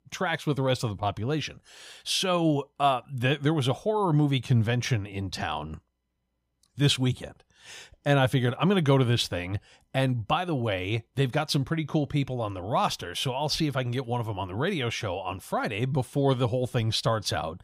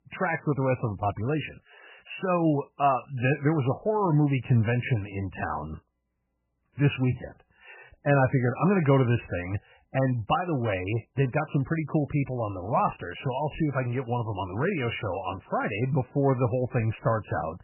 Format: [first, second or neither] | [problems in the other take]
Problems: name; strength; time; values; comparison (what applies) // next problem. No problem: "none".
first | garbled, watery; badly; nothing above 3 kHz